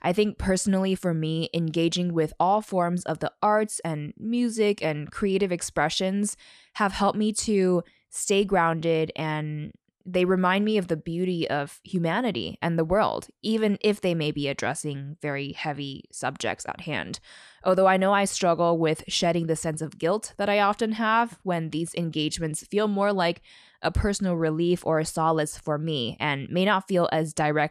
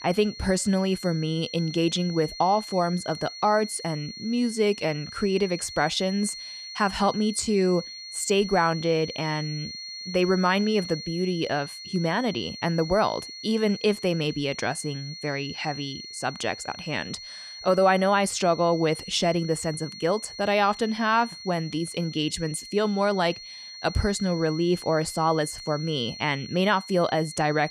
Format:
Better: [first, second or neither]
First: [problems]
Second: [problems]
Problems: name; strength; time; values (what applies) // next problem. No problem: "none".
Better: first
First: none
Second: high-pitched whine; noticeable; throughout; 4.5 kHz, 10 dB below the speech